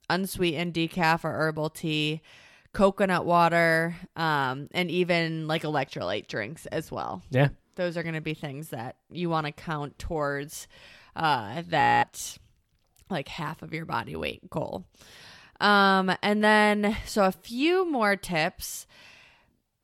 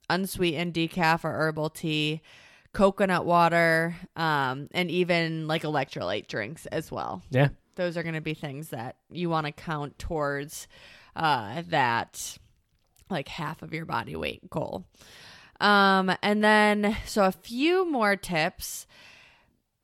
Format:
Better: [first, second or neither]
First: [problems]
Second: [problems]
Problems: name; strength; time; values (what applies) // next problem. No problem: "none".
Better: second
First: audio freezing; at 12 s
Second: none